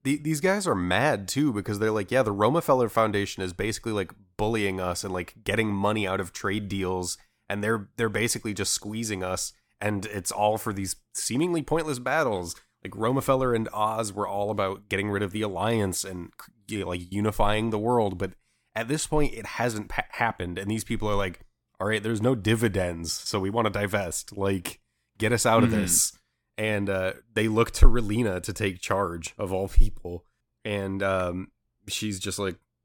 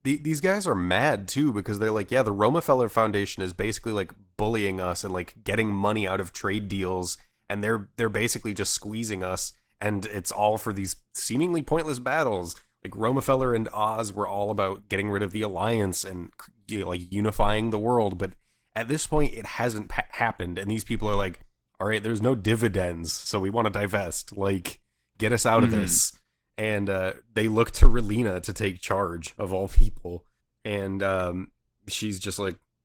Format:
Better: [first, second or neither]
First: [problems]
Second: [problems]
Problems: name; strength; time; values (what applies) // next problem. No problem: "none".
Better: first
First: none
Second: garbled, watery; slightly; nothing above 17.5 kHz